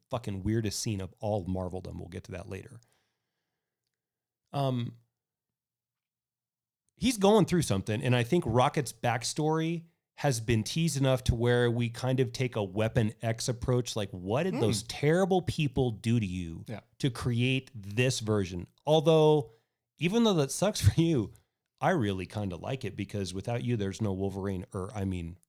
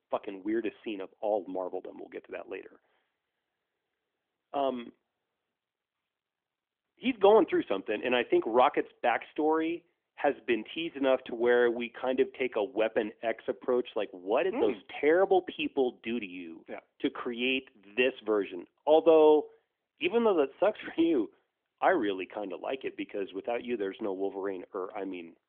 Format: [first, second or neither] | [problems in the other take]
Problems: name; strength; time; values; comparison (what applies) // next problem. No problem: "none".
first | phone-call audio; nothing above 3.5 kHz